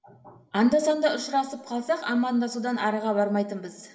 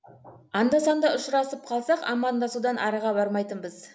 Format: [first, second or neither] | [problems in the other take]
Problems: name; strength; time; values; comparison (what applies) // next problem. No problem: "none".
second | room echo; dies away in 2.7 s